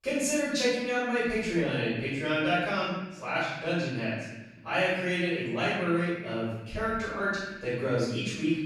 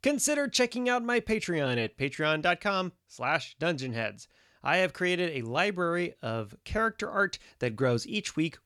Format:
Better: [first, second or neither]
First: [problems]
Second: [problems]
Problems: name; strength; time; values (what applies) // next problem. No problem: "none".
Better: second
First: off-mic speech; far // room echo; strong; dies away in 1 s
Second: none